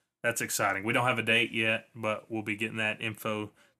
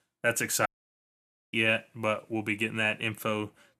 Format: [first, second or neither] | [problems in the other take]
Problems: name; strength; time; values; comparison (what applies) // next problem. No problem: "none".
first | audio cutting out; at 0.5 s for 1 s